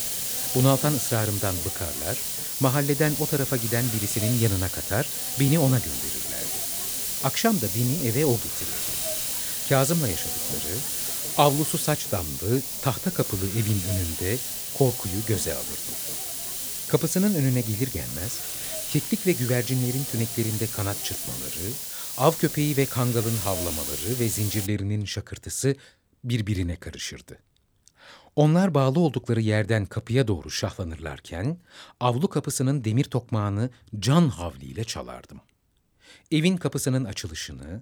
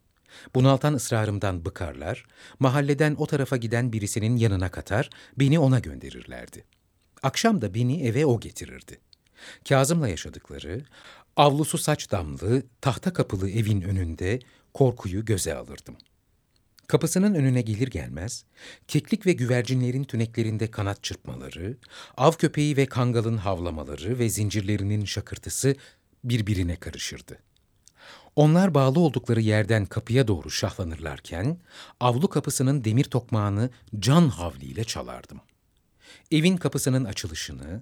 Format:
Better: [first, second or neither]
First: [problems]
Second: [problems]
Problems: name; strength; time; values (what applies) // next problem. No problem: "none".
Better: second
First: hiss; loud; until 25 s; 2 dB below the speech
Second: none